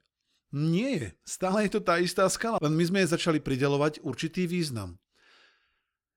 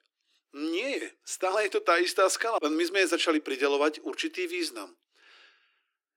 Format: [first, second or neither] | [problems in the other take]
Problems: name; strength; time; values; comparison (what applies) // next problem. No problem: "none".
first | thin; somewhat; fading below 300 Hz